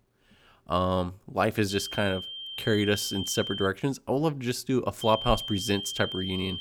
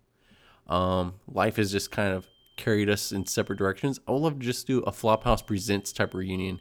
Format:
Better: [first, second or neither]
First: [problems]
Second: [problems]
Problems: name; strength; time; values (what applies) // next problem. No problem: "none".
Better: second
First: high-pitched whine; loud; from 1.5 to 3.5 s and from 5 s on; 3 kHz, 6 dB below the speech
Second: high-pitched whine; faint; from 1.5 to 3.5 s and from 5 s on; 3 kHz, 30 dB below the speech